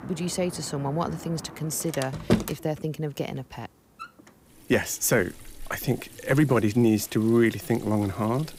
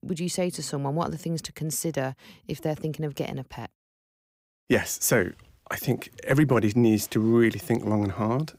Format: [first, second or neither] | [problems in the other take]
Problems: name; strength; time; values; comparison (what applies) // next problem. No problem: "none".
second | household noises; noticeable; throughout; 10 dB below the speech